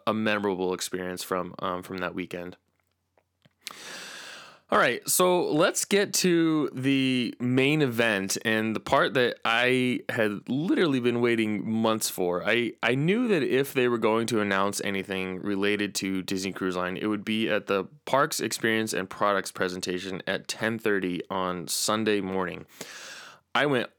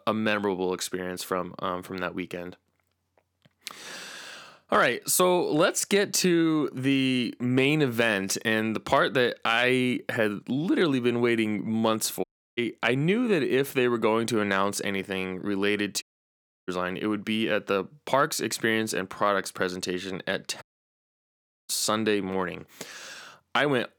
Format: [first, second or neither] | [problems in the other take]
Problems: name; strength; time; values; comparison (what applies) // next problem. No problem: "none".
first | audio cutting out; at 12 s, at 16 s for 0.5 s and at 21 s for 1 s